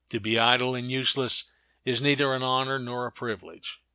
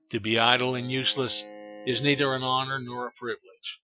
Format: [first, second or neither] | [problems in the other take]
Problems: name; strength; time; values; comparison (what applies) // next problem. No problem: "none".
first | noise reduction (classical method Wiener filter)